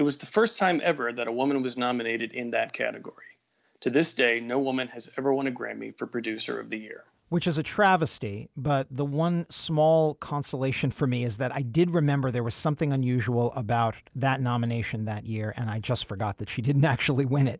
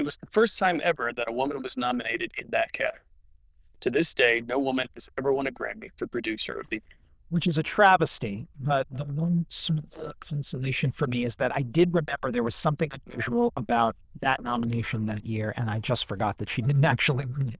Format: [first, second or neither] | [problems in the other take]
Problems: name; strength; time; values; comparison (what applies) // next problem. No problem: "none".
first | noise reduction (neural diffusion model UNIVERSE++)